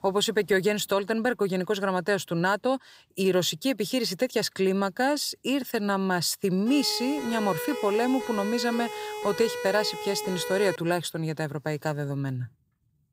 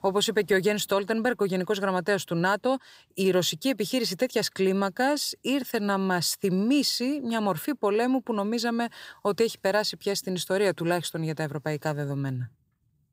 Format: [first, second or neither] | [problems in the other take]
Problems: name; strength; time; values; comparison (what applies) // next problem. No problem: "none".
second | siren; noticeable; from 6.5 to 11 s; peak 6 dB below the speech